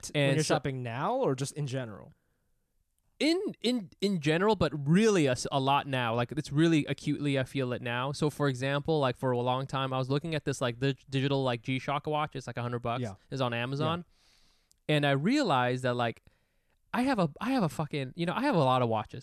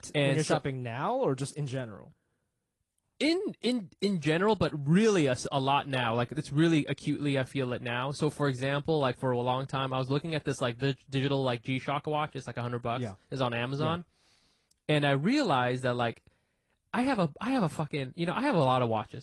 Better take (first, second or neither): first